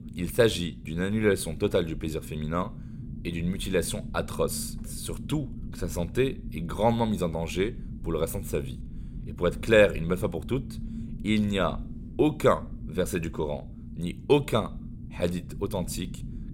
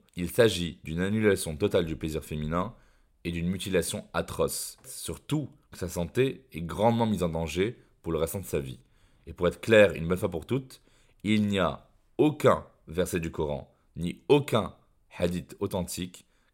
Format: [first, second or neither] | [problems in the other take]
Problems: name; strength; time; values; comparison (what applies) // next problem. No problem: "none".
second | low rumble; faint; throughout; 20 dB below the speech